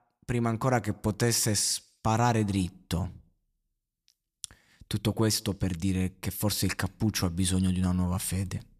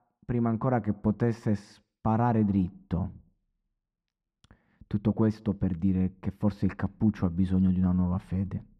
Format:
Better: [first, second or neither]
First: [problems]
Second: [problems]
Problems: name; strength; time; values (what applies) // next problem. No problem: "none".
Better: first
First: none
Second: muffled; very; fading above 3.5 kHz